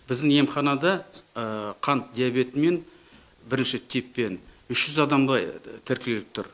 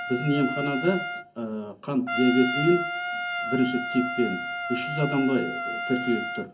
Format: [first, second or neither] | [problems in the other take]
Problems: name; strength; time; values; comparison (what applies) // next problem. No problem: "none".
first | background sound (Trumpet); 5 dB below the speech // room echo; dies away in 0.3 s